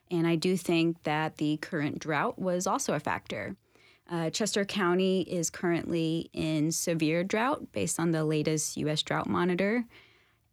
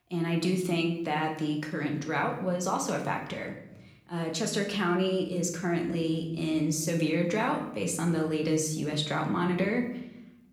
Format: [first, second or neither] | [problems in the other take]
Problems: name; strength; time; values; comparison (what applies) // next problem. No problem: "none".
first | room echo; slight; dies away in 0.7 s // off-mic speech; somewhat distant